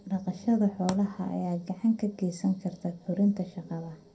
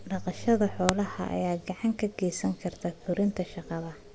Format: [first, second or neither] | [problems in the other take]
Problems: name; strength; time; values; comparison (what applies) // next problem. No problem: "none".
second | room echo; dies away in 0.2 s